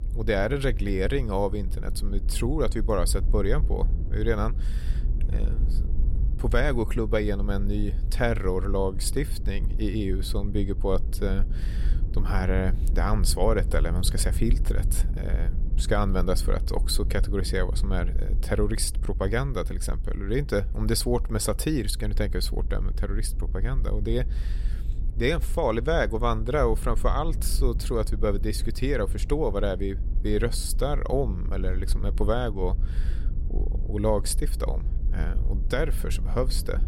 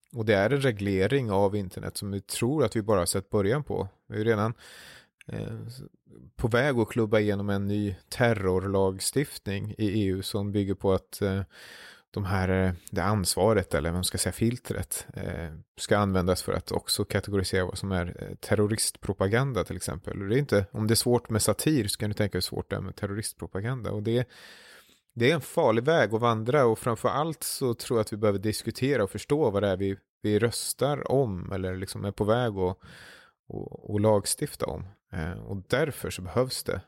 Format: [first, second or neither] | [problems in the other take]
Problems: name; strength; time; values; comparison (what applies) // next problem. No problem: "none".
second | low rumble; noticeable; throughout; 20 dB below the speech